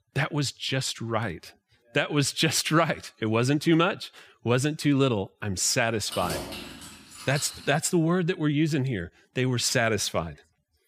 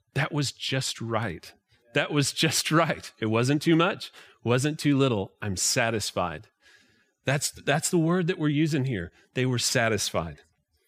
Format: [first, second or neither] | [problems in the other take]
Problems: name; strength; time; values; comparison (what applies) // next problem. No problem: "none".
second | jangling keys; noticeable; from 6 to 7.5 s; peak 7 dB below the speech